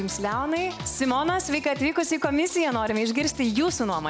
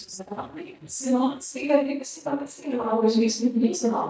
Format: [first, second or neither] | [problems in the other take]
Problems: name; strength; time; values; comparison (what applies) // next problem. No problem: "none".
first | noise reduction (neural mask model DeepFilterNet 3)